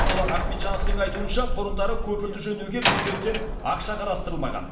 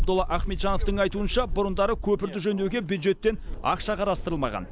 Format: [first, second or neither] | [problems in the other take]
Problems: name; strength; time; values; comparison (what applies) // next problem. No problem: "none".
second | background sound (Slam); 7 dB below the speech // room echo; dies away in 0.8 s